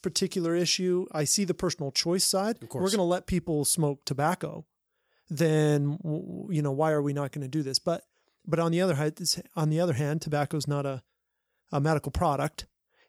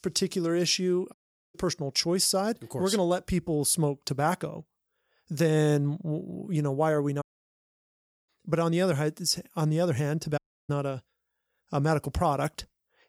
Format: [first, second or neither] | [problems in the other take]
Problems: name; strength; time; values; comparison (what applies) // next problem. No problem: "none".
first | audio cutting out; at 1 s, at 7 s for 1 s and at 10 s